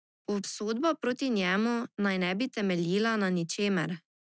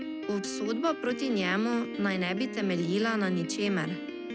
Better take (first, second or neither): first